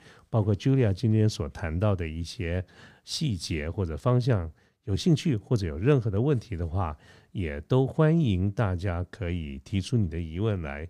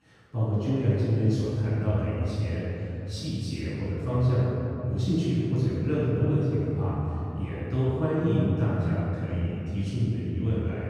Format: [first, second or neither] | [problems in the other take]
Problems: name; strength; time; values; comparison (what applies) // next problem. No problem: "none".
first | room echo; strong; dies away in 3 s // off-mic speech; far